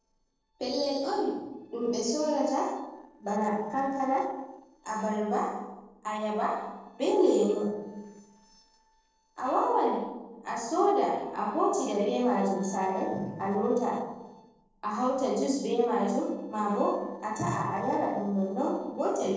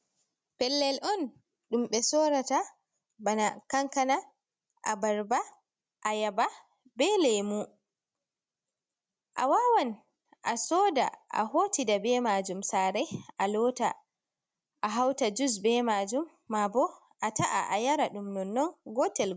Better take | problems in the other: second | noise reduction (neural separator model SepFormer DNS4)

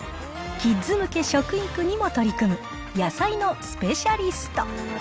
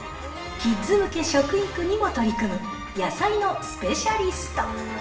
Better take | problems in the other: first | room echo; dies away in 0.7 s

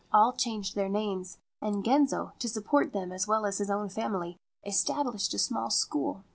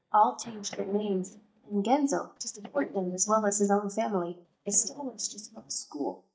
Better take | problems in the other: first | noise reduction (neural mask model DeepFilterNet 3)

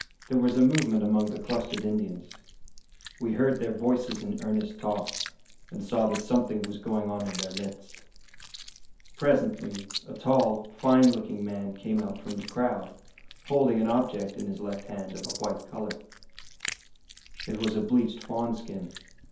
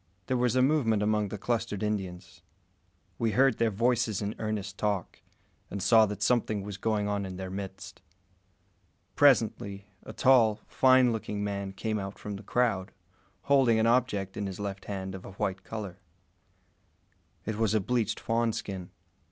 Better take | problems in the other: second | background sound (Chewing, mastication); 15 dB below the speech // room echo; dies away in 0.5 s

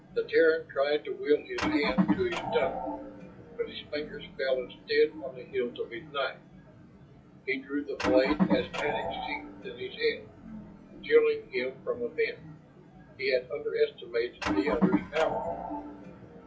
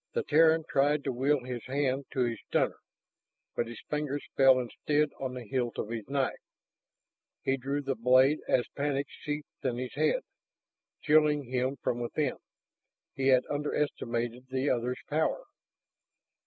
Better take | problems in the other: second | noise reduction (classical method WPE with log-MMSE)

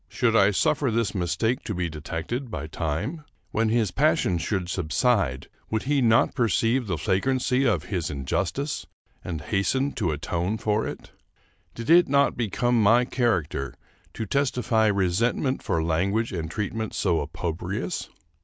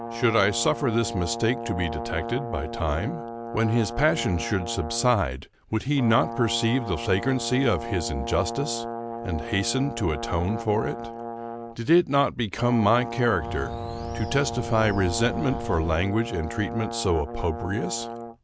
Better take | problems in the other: first | background sound (Brass instrument + Bird); 8 dB below the speech

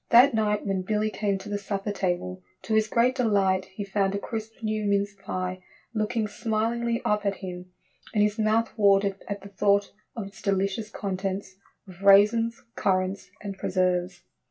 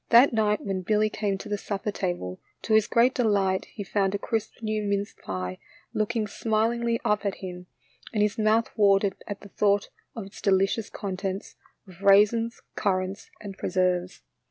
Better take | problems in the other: second | room echo; dies away in 0.2 s

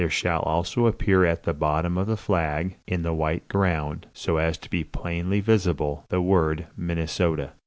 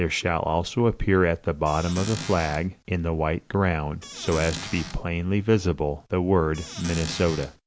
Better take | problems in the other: first | background sound (Squeak / Cupboard open or close); 12 dB below the speech

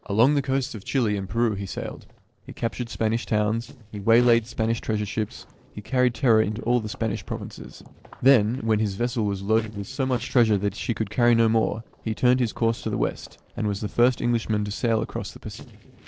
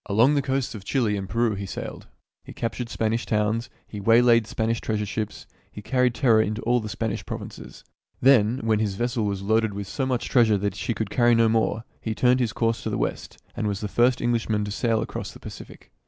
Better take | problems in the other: second | noise reduction (neural separator model SepFormer DNS4)

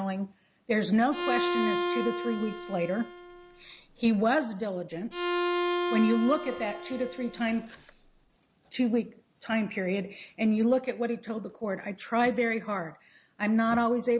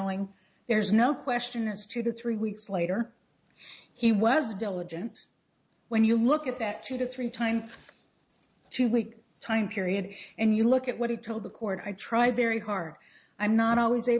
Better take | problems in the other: second | background sound (Bowed string instrument); 4 dB below the speech

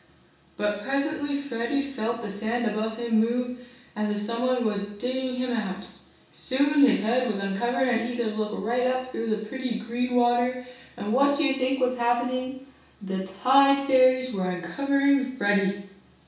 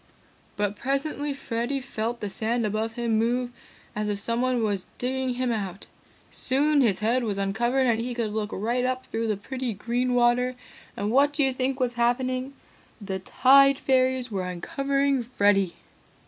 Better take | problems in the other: second | room echo; dies away in 0.6 s

